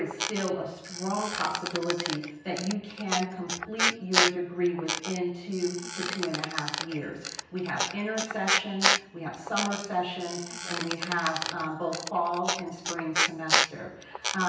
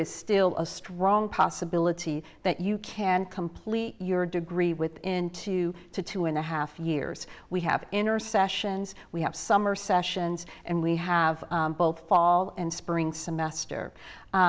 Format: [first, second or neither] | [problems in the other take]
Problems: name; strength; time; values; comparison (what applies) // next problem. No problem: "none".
second | background sound (Squeak); as loud as the speech // room echo; dies away in 0.9 s